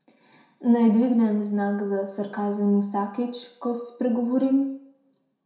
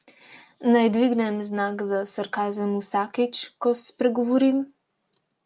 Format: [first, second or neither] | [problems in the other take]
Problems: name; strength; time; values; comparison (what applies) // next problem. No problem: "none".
second | room echo; dies away in 0.6 s